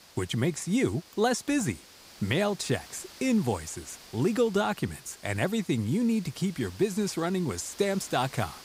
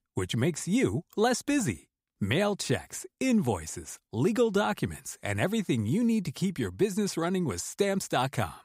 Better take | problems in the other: second | hiss; noticeable; throughout; 20 dB below the speech

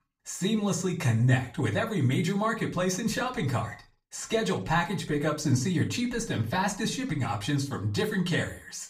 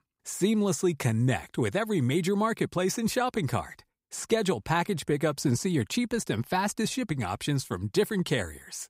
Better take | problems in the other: second | room echo; very slight; dies away in 0.3 s // off-mic speech; far

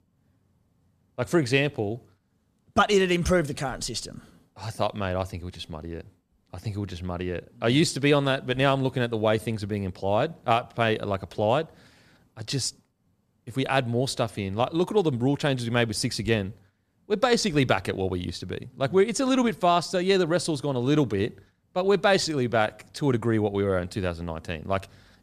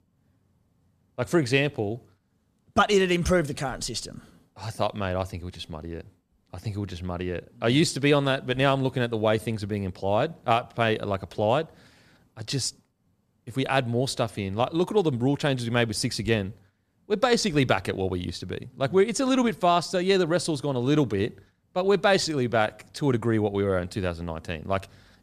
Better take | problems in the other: neither | none

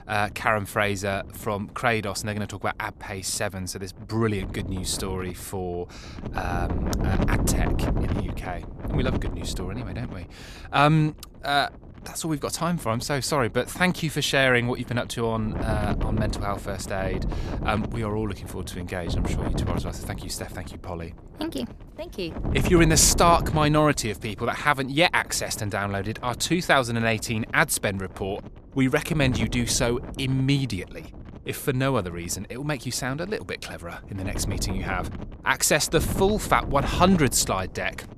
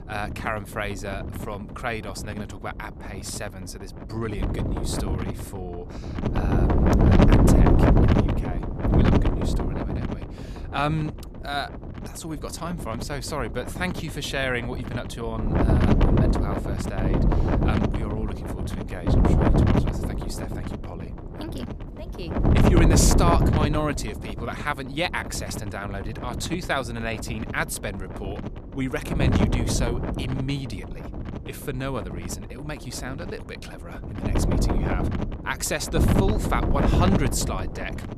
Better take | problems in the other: first | wind noise on the microphone; heavy; 1 dB above the speech; occasional gusts in the first

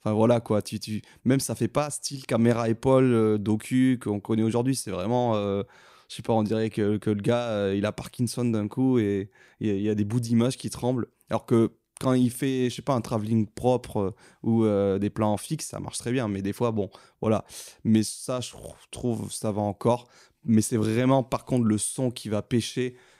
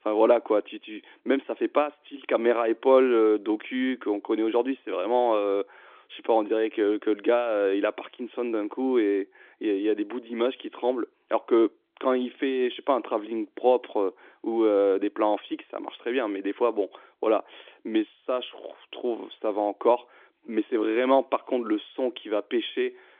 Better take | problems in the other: first | phone-call audio; nothing above 3.5 kHz

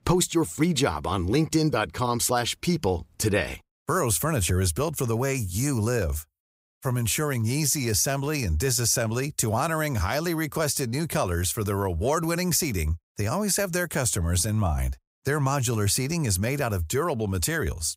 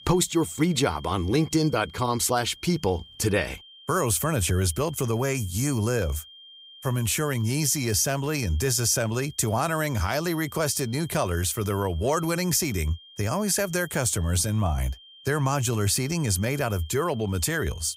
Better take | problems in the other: first | high-pitched whine; faint; throughout; 3 kHz, 20 dB below the speech

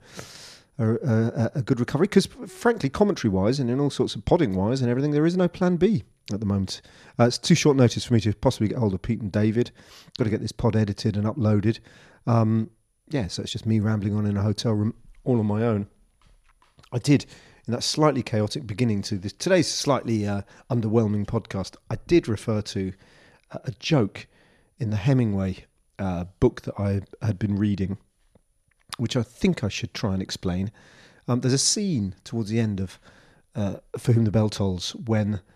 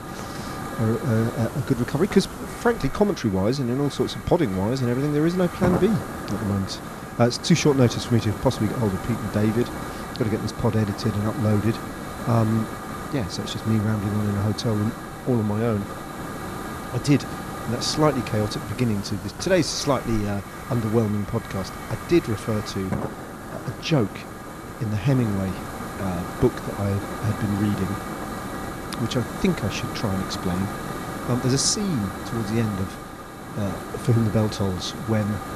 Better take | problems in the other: first | hiss; loud; throughout; 8 dB below the speech

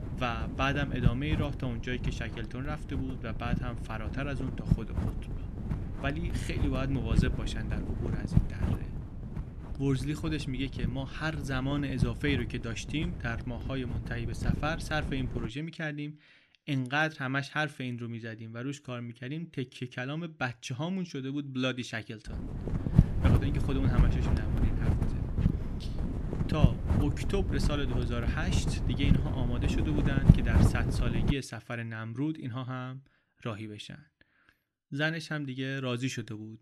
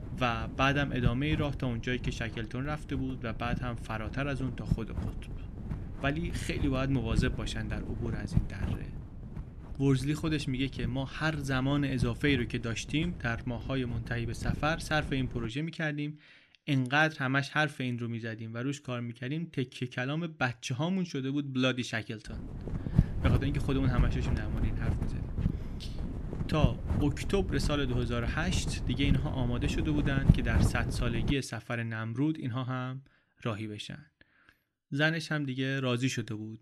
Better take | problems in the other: second | wind noise on the microphone; heavy; until 15 s and from 22 to 31 s; 5 dB below the speech; occasional gusts in the second

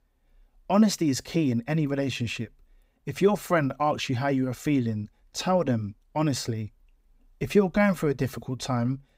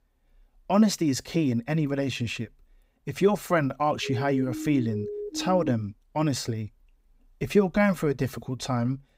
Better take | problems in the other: first | siren; noticeable; from 4 to 5.5 s; peak 8 dB below the speech

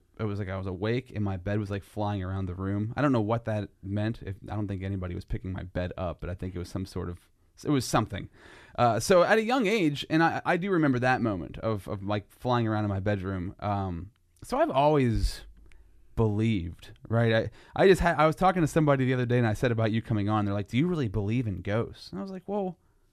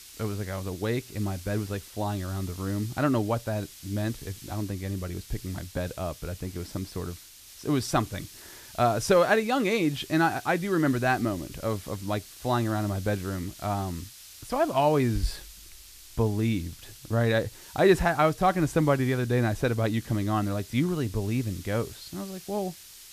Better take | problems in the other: first | hiss; noticeable; throughout; 15 dB below the speech

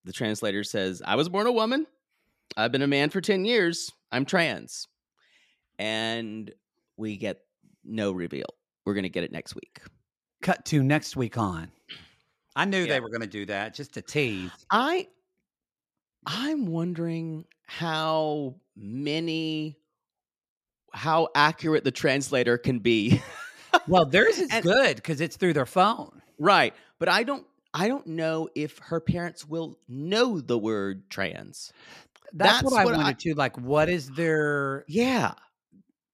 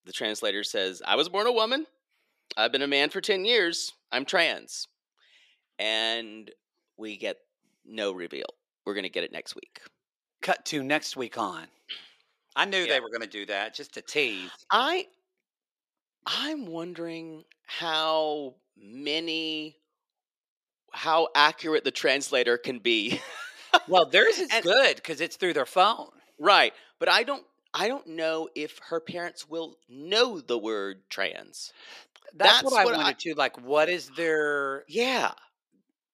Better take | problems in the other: first | thin; somewhat; fading below 450 Hz

